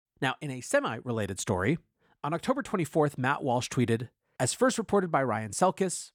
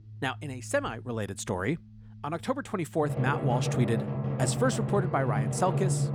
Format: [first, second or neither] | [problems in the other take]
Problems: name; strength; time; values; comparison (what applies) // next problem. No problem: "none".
first | background music; very loud; throughout; as loud as the speech